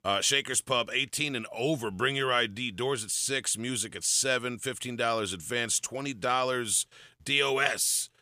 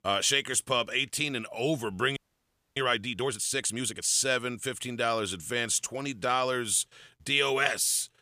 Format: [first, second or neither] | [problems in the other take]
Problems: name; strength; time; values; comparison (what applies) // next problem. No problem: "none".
first | audio freezing; at 2 s for 0.5 s